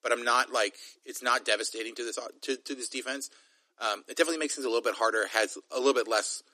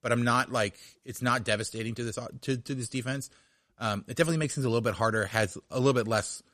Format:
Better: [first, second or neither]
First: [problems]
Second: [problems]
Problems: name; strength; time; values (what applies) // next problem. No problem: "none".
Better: second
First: thin; somewhat; fading below 300 Hz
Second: none